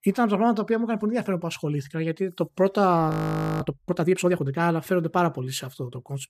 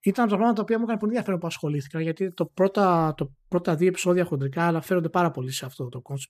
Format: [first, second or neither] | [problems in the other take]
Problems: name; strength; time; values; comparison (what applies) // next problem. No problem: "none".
second | audio freezing; at 3 s for 0.5 s